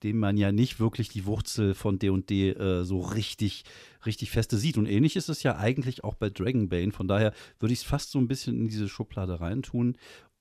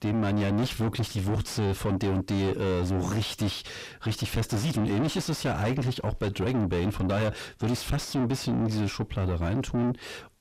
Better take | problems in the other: first | distortion; heavy; 5 dB below the speech

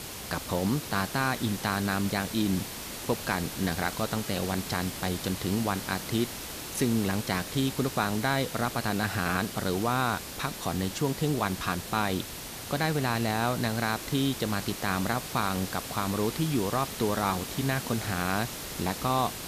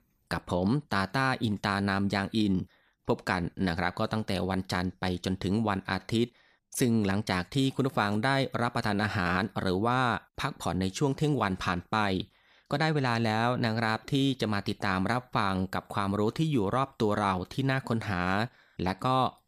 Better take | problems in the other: second | hiss; loud; throughout; 7 dB below the speech

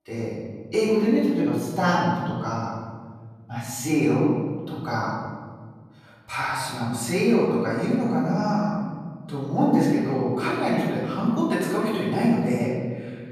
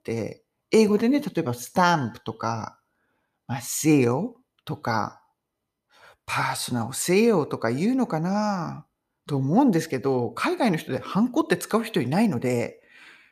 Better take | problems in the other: second | room echo; noticeable; dies away in 1.7 s // off-mic speech; far

